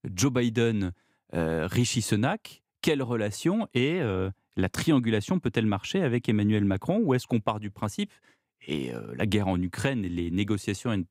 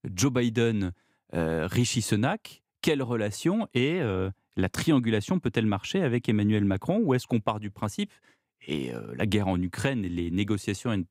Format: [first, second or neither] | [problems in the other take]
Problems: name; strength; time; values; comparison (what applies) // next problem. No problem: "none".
neither | none